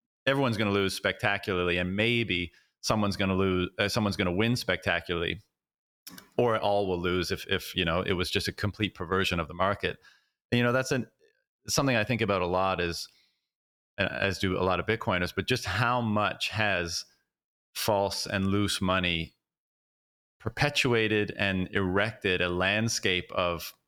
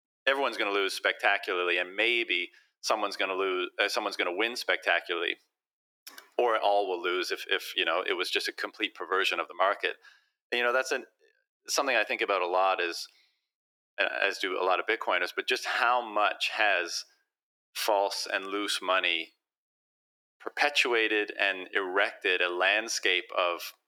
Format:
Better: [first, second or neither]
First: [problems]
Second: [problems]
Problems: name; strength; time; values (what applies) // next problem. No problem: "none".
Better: first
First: none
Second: thin; very; fading below 350 Hz